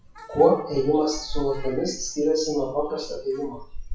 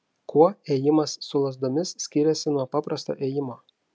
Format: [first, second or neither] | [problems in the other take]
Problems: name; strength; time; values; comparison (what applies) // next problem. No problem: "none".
second | noise reduction (classical method WPE with log-MMSE)